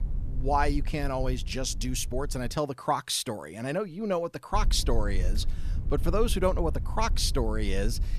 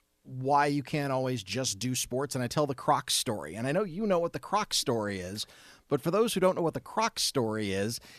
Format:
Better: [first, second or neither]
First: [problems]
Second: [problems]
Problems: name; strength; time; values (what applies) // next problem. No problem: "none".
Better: second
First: low rumble; faint; until 2.5 s and from 4.5 s on; 20 dB below the speech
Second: none